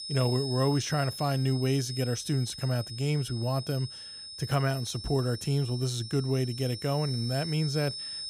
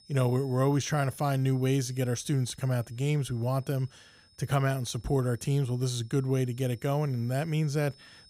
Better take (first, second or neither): second